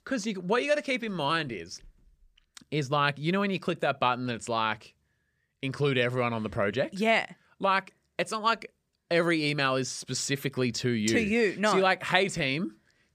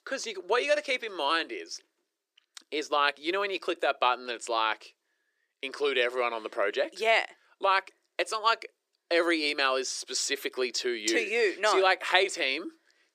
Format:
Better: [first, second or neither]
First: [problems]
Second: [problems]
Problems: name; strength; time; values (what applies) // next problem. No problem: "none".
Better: first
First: none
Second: thin; very; fading below 350 Hz